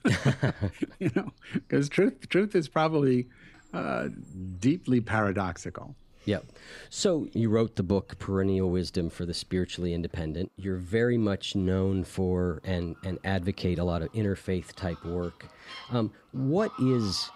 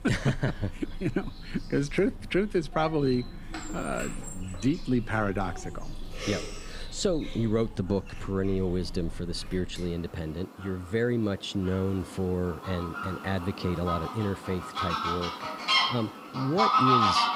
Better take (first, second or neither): first